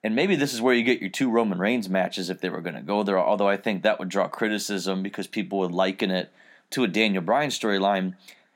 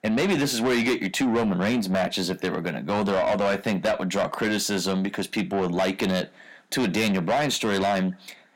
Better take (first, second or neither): first